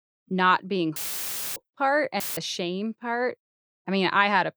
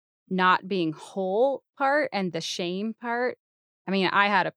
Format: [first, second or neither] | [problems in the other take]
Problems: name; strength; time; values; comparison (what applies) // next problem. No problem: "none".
second | audio cutting out; filled with static; at 1 s for 0.5 s and at 2 s